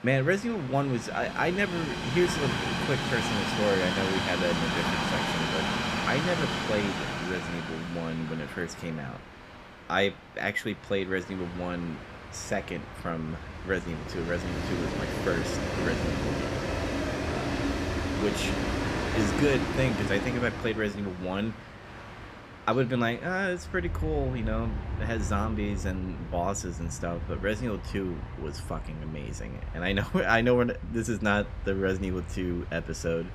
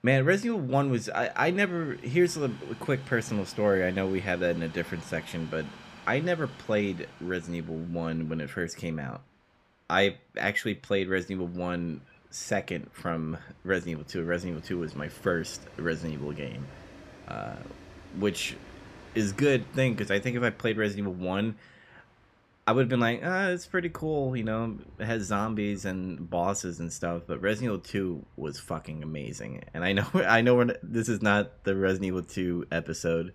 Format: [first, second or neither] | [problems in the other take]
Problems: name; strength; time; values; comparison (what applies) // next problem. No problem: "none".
second | train or aircraft noise; loud; throughout; 2 dB below the speech; faint in the second